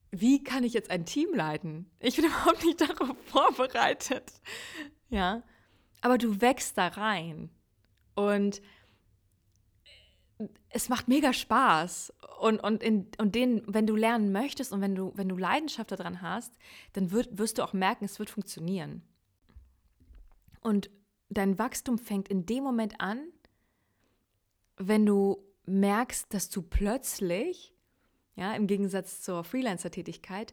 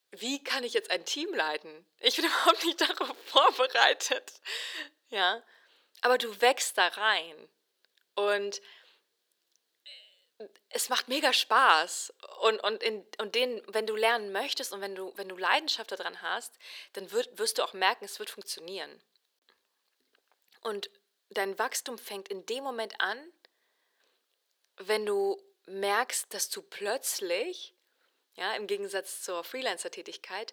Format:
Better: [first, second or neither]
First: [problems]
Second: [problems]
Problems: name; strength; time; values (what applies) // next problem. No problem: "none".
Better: first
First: none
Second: thin; very; fading below 450 Hz